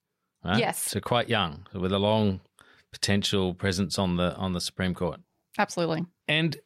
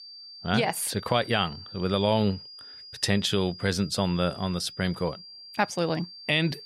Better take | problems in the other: first | high-pitched whine; noticeable; throughout; 4.5 kHz, 15 dB below the speech

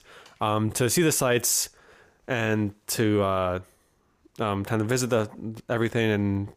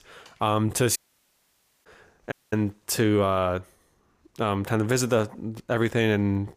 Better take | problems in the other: first | audio cutting out; at 1 s for 1 s and at 2.5 s

